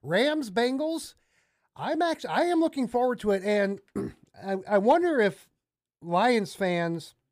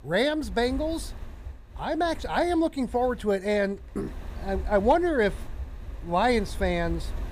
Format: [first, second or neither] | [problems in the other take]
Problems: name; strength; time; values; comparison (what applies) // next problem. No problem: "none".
first | wind noise on the microphone; occasional gusts; 25 dB below the speech